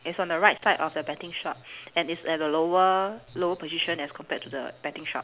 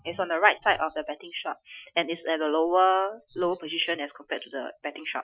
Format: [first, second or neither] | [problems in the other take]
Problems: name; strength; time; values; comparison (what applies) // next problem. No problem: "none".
first | noise reduction (classical method Wiener filter)